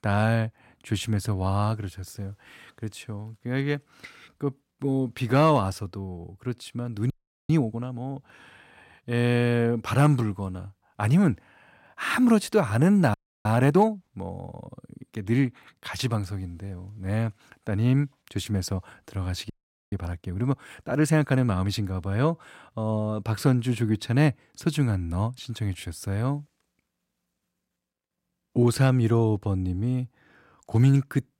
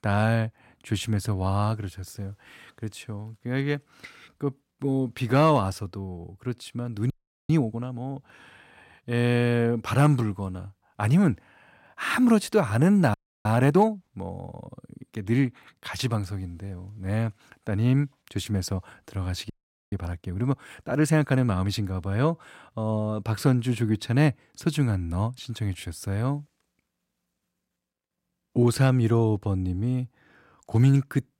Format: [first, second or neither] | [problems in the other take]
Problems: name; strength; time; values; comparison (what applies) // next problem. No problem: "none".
neither | audio freezing; at 7 s, at 13 s and at 20 s; the same in both